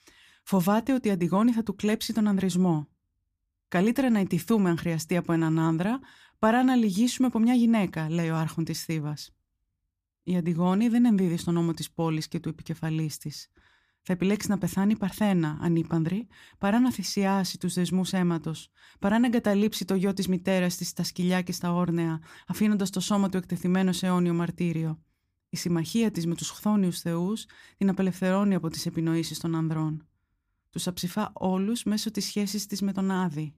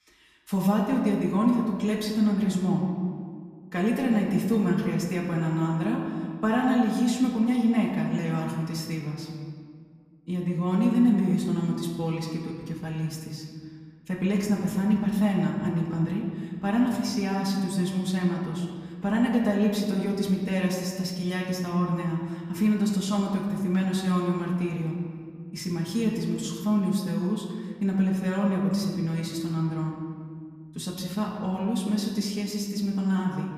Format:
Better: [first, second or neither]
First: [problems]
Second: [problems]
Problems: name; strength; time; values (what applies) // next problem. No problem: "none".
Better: first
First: none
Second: room echo; noticeable; dies away in 1.7 s // off-mic speech; far